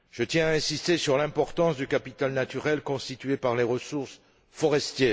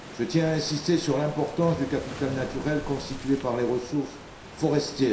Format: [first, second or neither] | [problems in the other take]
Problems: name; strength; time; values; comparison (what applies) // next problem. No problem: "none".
first | background sound (Waves, surf); 13 dB below the speech // room echo; dies away in 0.7 s